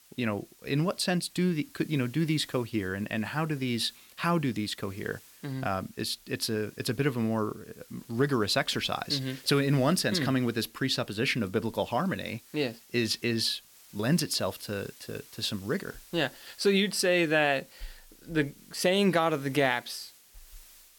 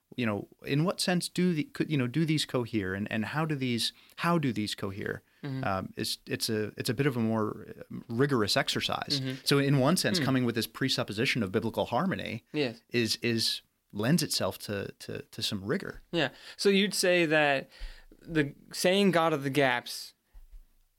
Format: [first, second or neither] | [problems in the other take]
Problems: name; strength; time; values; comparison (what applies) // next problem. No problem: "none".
second | hiss; faint; throughout; 25 dB below the speech